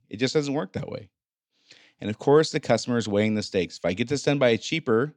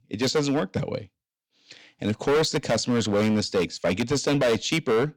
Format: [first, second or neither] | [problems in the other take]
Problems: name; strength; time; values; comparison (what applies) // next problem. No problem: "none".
first | distortion; heavy; 12% of the sound clipped